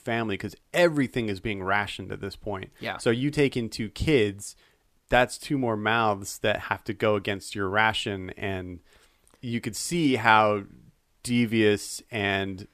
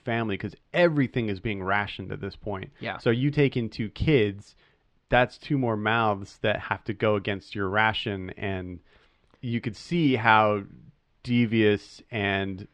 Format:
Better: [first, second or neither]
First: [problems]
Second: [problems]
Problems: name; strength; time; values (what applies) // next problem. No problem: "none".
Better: first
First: none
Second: muffled; slightly; fading above 4 kHz